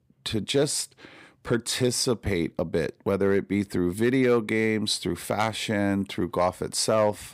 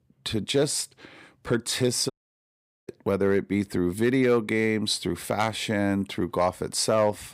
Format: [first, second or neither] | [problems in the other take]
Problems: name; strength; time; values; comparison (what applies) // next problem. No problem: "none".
first | audio cutting out; at 2 s for 1 s